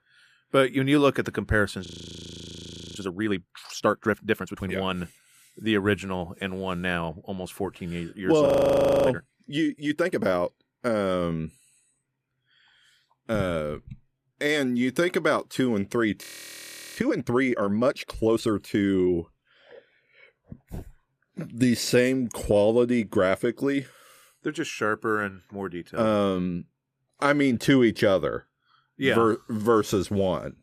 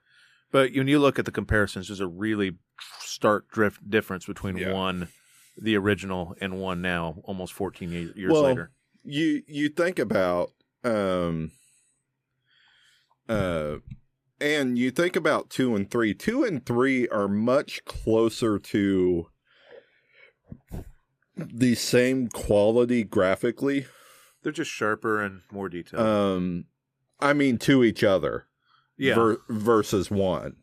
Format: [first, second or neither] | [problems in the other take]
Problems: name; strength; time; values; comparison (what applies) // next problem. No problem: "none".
second | audio freezing; at 2 s for 1 s, at 8.5 s for 0.5 s and at 16 s for 0.5 s